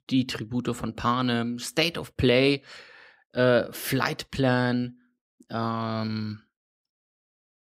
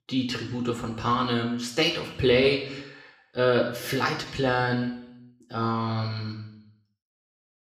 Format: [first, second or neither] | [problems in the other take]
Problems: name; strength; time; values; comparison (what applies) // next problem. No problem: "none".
first | room echo; slight; dies away in 0.8 s // off-mic speech; somewhat distant